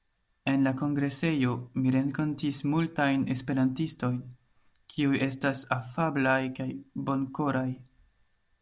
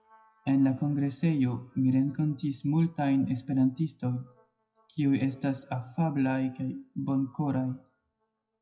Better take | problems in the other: first | noise reduction (classical method WPE with log-MMSE)

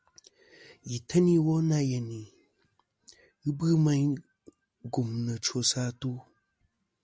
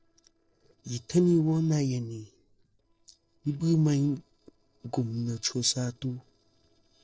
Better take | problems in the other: first | noise reduction (neural separator model SepFormer DNS4)

